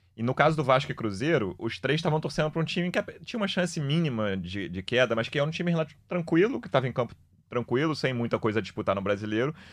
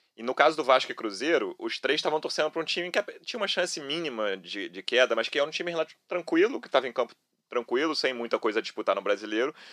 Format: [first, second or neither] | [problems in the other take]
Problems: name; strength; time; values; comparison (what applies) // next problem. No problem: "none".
first | thin; somewhat; fading below 300 Hz